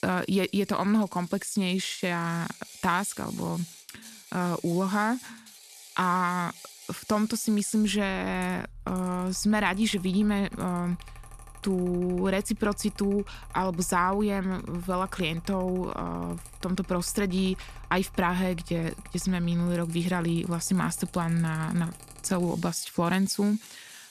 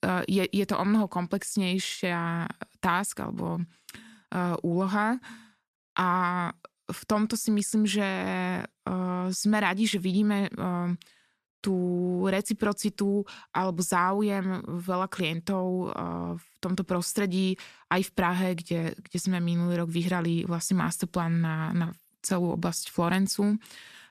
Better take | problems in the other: second | machinery noise; noticeable; throughout; 20 dB below the speech

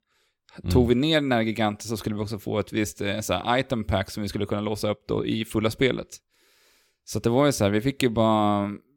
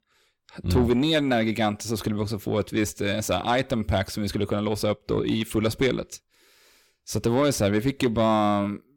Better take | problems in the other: first | distortion; slight; 10 dB below the speech

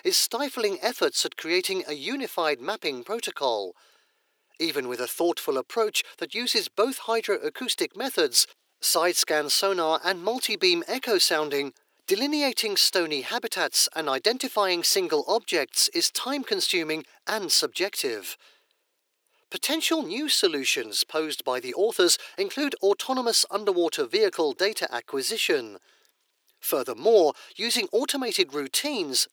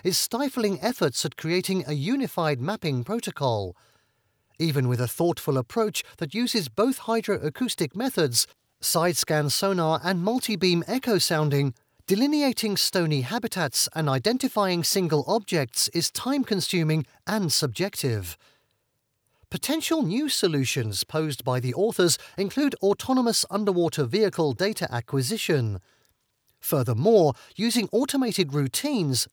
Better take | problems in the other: second | thin; somewhat; fading below 350 Hz

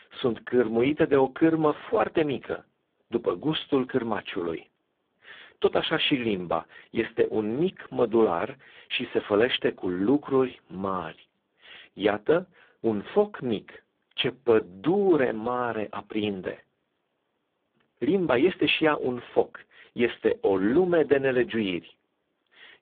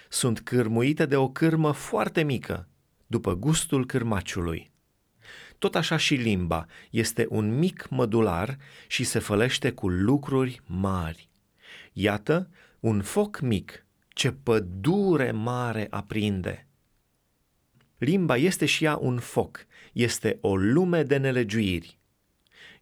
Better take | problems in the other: second | phone-call audio; poor line; nothing above 3.5 kHz

